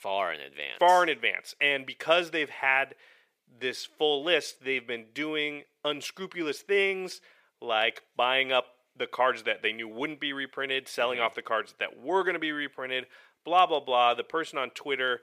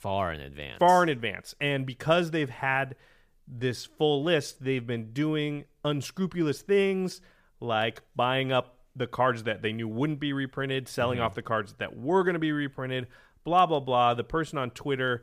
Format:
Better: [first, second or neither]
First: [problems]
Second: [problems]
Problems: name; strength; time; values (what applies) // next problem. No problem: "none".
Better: second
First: thin; somewhat; fading below 450 Hz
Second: none